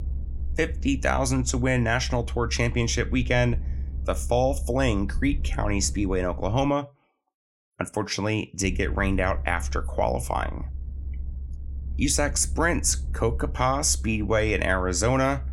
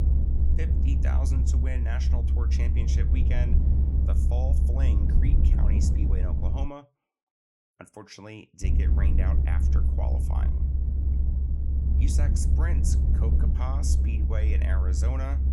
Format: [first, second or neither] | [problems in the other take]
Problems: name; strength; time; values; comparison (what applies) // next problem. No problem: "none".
first | low rumble; loud; until 6.5 s and from 8.5 s on; 1 dB below the speech; faint in the first